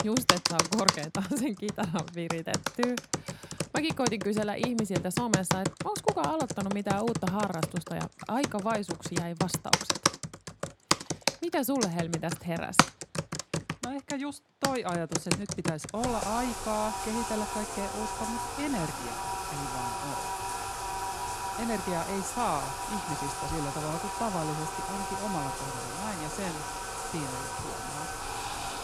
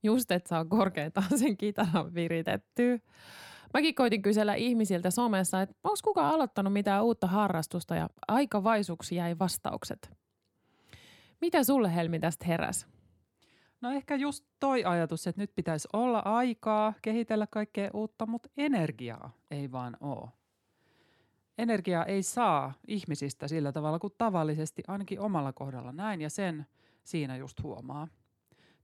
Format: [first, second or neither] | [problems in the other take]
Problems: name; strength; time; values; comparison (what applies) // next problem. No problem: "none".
second | household noises; very loud; throughout; 1 dB above the speech